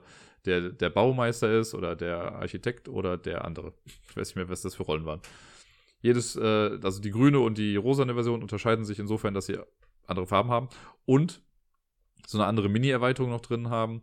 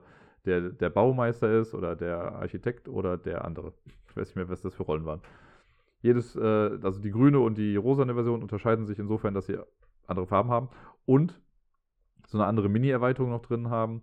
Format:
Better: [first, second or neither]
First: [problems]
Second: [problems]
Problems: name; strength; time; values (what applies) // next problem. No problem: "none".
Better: first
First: none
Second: muffled; very; fading above 3 kHz